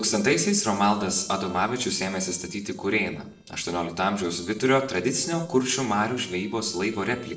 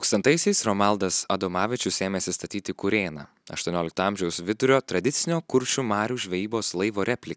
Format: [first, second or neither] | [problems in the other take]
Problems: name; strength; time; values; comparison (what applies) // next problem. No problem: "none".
second | noise reduction (neural separator model SepFormer DNS4)